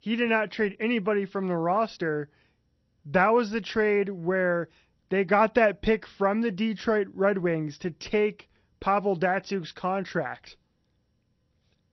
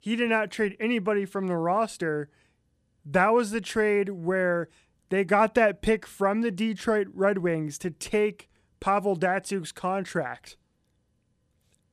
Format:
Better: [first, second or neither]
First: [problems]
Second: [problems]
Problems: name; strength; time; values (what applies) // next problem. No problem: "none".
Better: second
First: garbled, watery; slightly; nothing above 6 kHz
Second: none